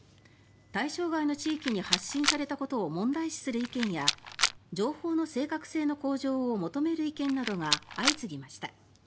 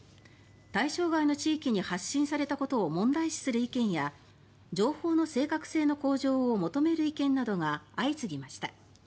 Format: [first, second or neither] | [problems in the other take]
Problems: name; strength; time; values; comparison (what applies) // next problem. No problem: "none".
second | background sound (Rattle); as loud as the speech